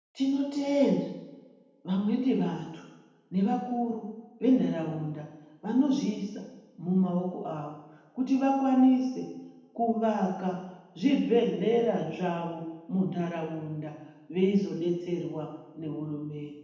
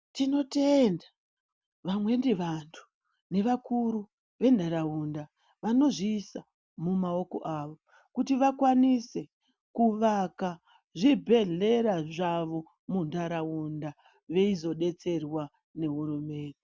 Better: second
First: room echo; dies away in 0.9 s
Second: none

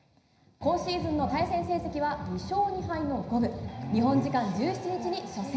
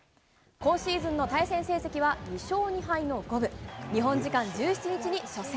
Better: second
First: room echo; dies away in 0.9 s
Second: none

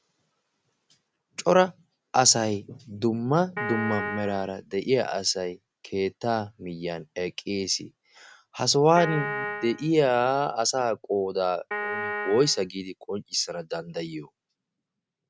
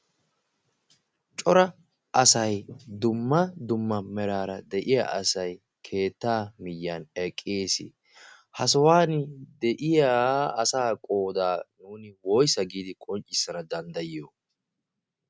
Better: second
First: background sound (Piano); 5 dB below the speech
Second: none

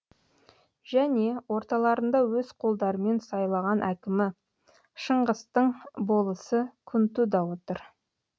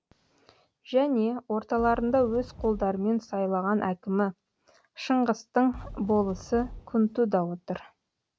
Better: first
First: none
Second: background sound (Fireworks); 19 dB below the speech

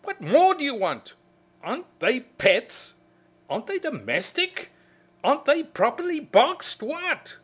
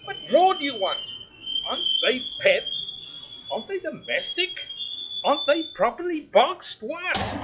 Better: first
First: none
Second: noise reduction (classical method log-MMSE)

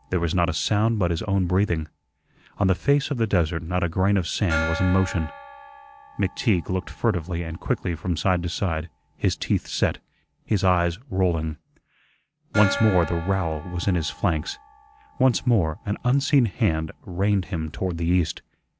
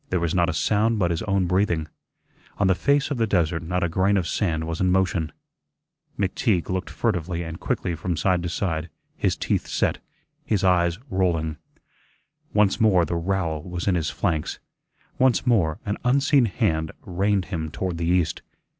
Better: second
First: background sound (Gong); 16 dB below the speech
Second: none

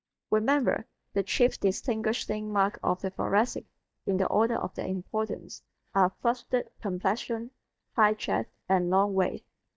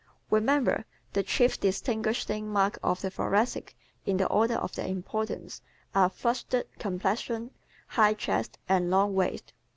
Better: second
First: noise reduction (neural mask model DeepFilterNet 3)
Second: none

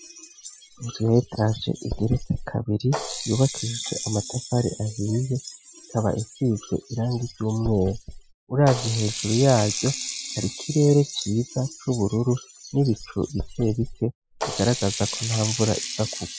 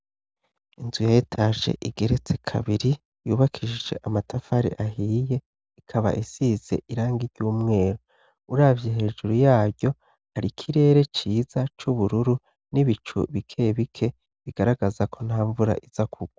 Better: second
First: noise reduction (classical method Wiener filter)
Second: none

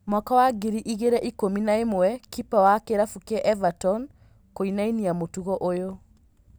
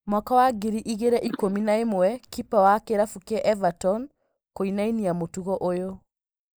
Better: first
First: none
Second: noise reduction (neural mask model Resemble Enhance denoiser)

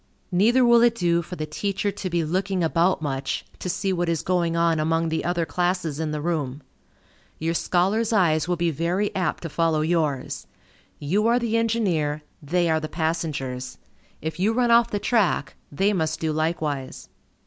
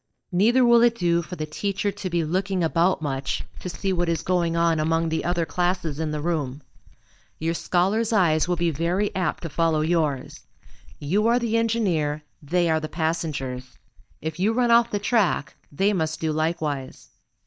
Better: first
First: none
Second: noise reduction (neural mask model DeepFilterNet 3)

